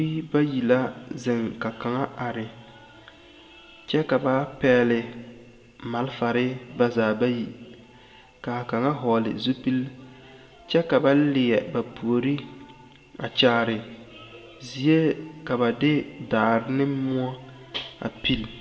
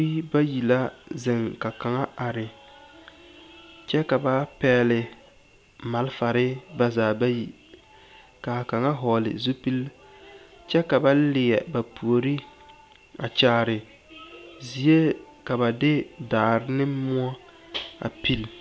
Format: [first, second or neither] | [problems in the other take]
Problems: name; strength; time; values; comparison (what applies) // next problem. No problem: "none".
second | room echo; dies away in 1.1 s